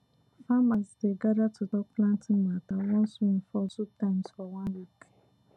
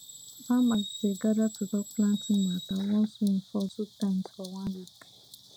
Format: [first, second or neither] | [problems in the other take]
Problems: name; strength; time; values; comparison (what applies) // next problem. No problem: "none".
first | background sound (Bird vocalization, bird call, bird song); 16 dB below the speech